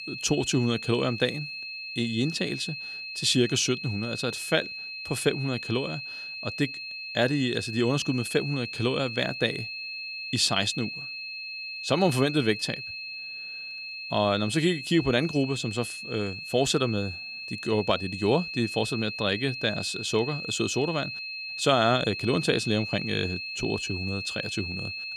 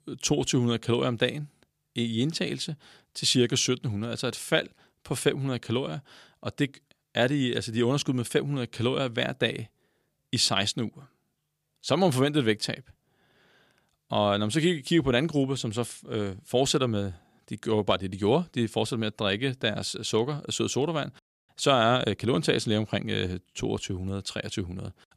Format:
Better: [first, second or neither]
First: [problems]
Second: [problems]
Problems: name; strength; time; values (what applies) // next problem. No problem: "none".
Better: second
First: high-pitched whine; loud; throughout; 2.5 kHz, 7 dB below the speech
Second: none